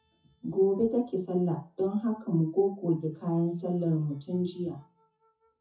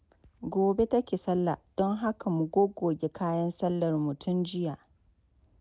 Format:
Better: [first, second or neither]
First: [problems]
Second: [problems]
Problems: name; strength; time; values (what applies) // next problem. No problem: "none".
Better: second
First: noise reduction (classical method WPE with log-MMSE)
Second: none